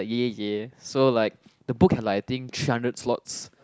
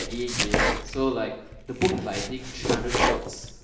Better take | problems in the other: first | background sound (Domestic sounds, home sounds); 2 dB above the speech // room echo; dies away in 0.8 s

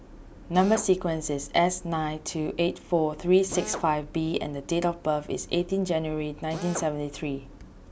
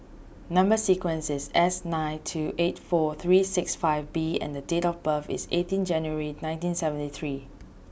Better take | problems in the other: second | background sound (Drill); 18 dB below the speech

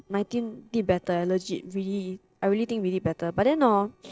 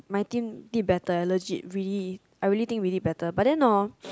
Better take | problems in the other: second | noise reduction (neural separator model SepFormer DNS4)

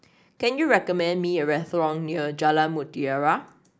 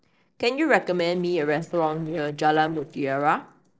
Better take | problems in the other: first | noise reduction (neural separator model SepFormer DNS4)

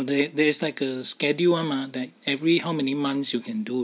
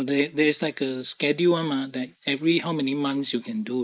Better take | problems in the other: first | noise reduction (neural mask model Resemble Enhance denoiser)

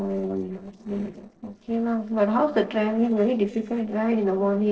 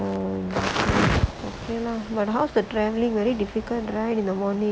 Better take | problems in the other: second | noise reduction (neural separator model SepFormer DNS4)

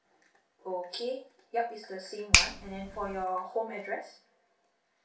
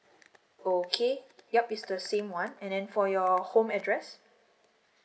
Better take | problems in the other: second | background sound (Finger snapping); 2 dB above the speech // room echo; dies away in 0.3 s

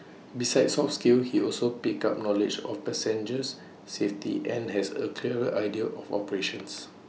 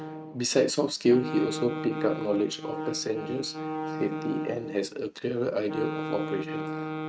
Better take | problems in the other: first | noise reduction (neural mask model RNNoise)

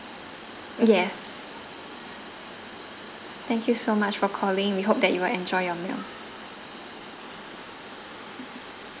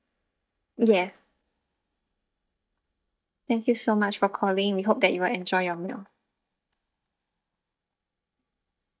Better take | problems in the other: first | noise reduction (neural mask model DeepFilterNet 3)

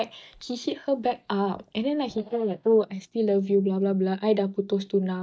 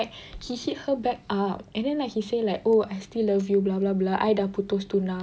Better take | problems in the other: second | noise reduction (neural mask model DeepFilterNet 3)

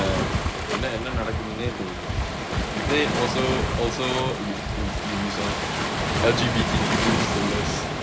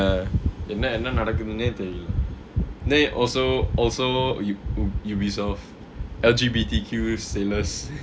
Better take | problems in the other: second | background sound (Waves, surf); 1 dB above the speech

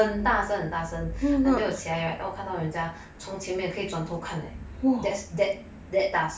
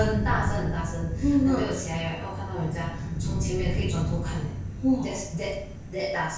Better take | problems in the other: first | background sound (Thunder); 2 dB below the speech // room echo; dies away in 0.5 s

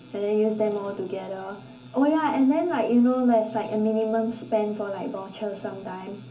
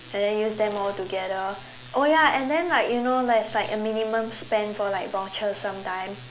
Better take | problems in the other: second | room echo; dies away in 0.3 s

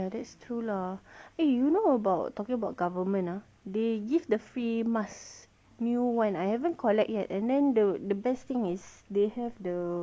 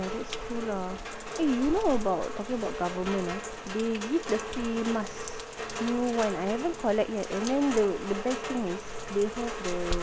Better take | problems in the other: first | background sound (Rain); 5 dB below the speech

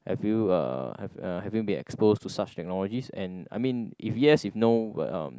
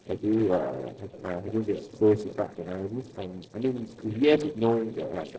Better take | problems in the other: first | noise reduction (neural separator model SepFormer DNS4)

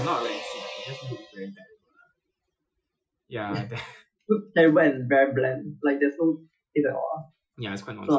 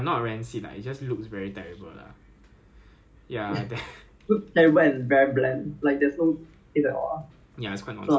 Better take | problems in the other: second | noise reduction (classical method Wiener filter)

